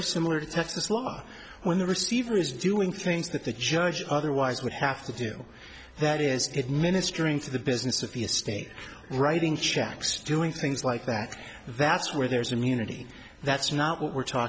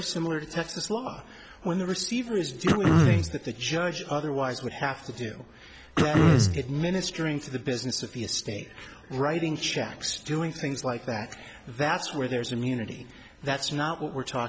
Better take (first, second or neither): first